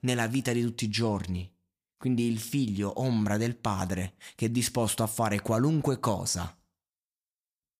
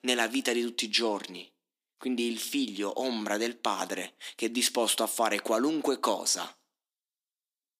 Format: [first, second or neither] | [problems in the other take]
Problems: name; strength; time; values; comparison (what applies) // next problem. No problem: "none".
first | thin; somewhat; fading below 250 Hz